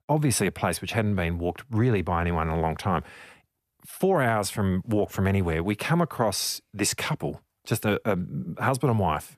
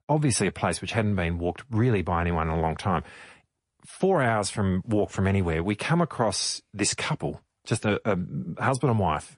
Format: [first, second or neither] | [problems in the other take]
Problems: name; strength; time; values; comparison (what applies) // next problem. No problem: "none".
first | garbled, watery; slightly; nothing above 10.5 kHz